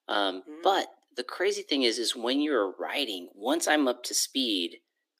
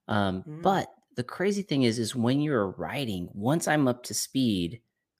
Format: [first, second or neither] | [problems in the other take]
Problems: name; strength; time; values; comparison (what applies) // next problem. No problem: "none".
second | thin; very slightly; fading below 300 Hz